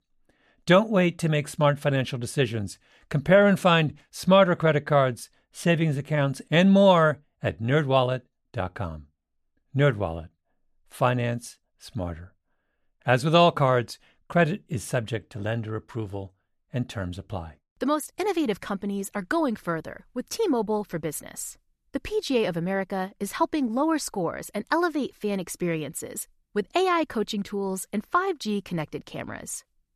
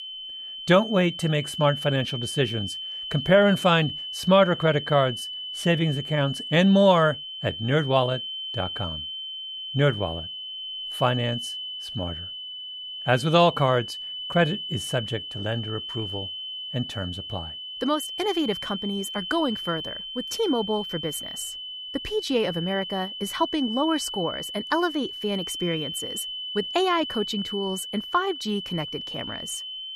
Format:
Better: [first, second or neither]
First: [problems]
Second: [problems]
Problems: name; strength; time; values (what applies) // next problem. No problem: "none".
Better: first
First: none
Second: high-pitched whine; loud; throughout; 3 kHz, 7 dB below the speech